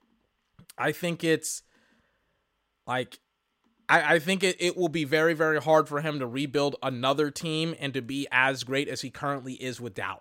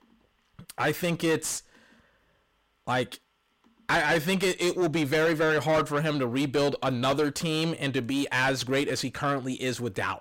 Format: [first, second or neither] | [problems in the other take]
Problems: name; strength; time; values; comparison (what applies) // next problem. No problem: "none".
first | distortion; heavy; 6 dB below the speech